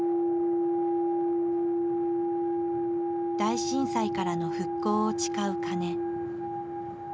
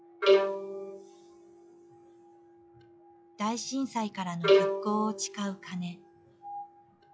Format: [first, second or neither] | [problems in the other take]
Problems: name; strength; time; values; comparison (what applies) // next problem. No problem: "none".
first | noise reduction (classical method log-MMSE)